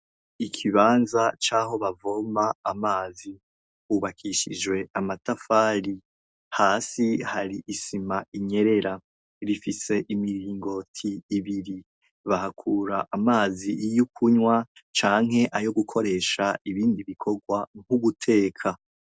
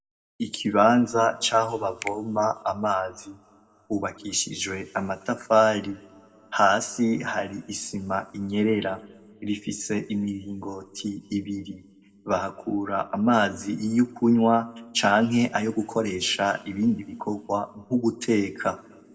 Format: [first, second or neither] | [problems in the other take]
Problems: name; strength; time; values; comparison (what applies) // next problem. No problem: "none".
first | background sound (Finger snapping); 17 dB below the speech // room echo; dies away in 1.2 s